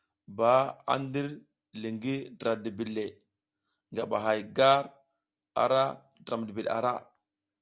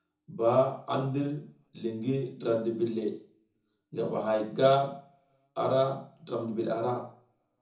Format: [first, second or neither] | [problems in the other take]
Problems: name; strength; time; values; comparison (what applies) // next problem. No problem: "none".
first | room echo; dies away in 0.5 s